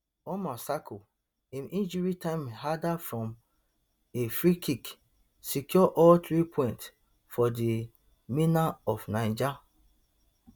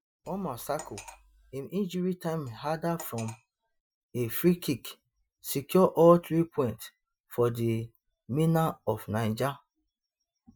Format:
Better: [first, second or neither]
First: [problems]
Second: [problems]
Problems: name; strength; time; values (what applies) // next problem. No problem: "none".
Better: first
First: none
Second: noise reduction (classical method Wiener filter)